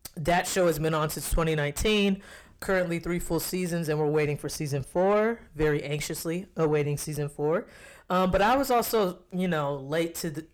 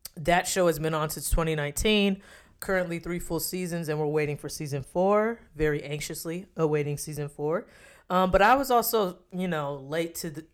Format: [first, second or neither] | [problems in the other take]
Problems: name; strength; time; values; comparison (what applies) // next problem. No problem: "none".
second | distortion; slight; 10 dB below the speech